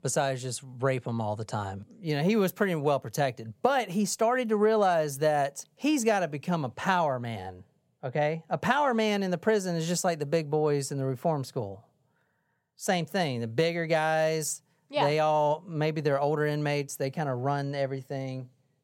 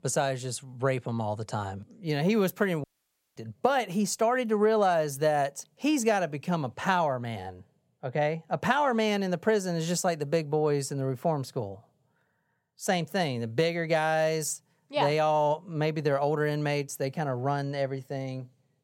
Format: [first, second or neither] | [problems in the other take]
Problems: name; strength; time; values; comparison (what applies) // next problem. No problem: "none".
first | audio cutting out; at 3 s for 0.5 s